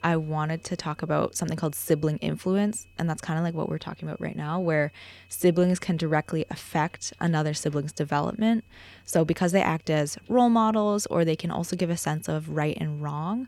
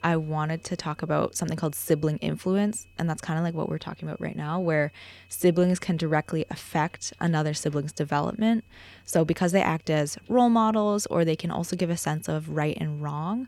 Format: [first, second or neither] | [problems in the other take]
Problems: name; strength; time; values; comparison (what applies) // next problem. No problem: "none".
neither | high-pitched whine; faint; throughout; 2.5 kHz, 35 dB below the speech; the same in both